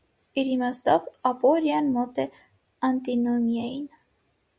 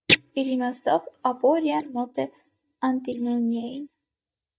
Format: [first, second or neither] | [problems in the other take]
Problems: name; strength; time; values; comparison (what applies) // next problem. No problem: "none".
first | noise reduction (neural mask model DeepFilterNet 3)